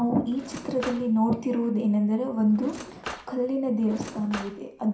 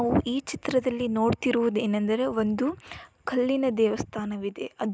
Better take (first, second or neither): second